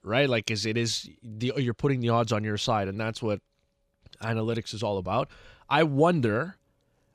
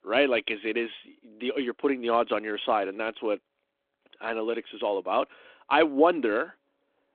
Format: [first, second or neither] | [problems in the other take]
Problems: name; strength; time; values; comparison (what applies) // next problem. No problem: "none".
first | phone-call audio